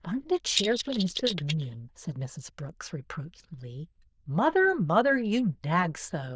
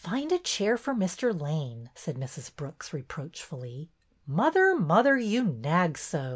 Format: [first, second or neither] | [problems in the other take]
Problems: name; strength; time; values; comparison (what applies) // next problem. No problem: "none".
second | noise reduction (neural diffusion model UNIVERSE++)